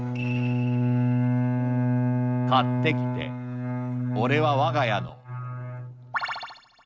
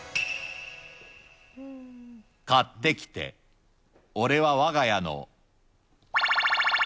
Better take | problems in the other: second | noise reduction (neural mask model RNNoise)

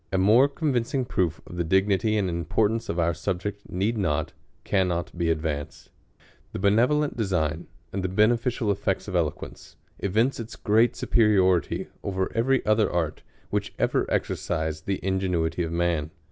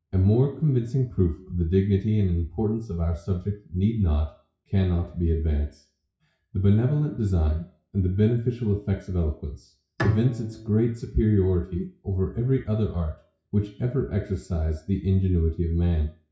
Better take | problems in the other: first | noise reduction (classical method WPE with log-MMSE)

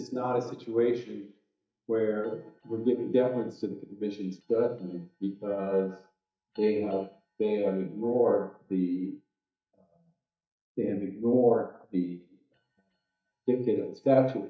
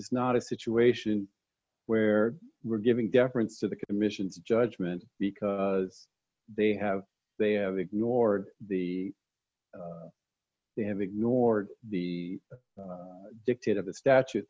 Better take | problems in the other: second | noise reduction (neural mask model DeepFilterNet 3)

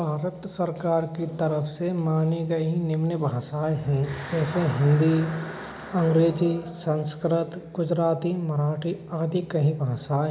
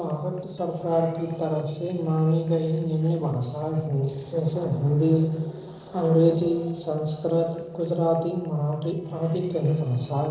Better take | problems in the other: first | noise reduction (neural separator model SepFormer DNS4)

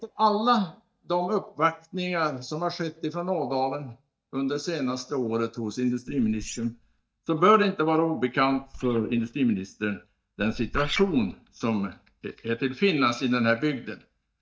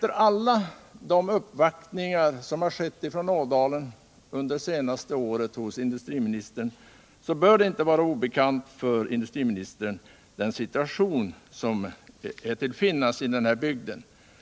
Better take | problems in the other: second | noise reduction (neural mask model DeepFilterNet 3)

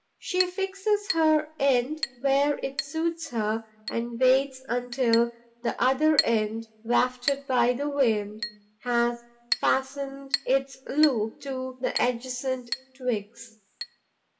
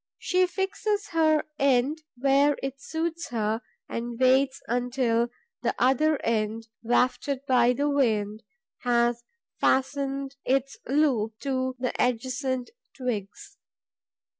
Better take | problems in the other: second | background sound (Chink, clink); 12 dB below the speech // room echo; dies away in 0.5 s

